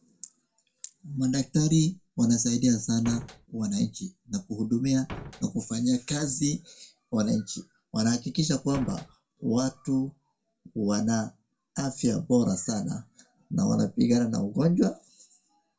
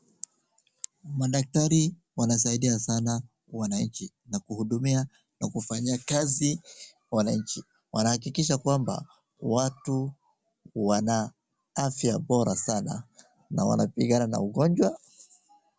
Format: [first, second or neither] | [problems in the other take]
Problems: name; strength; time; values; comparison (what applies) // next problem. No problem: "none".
second | background sound (Slam); 12 dB below the speech // room echo; dies away in 0.2 s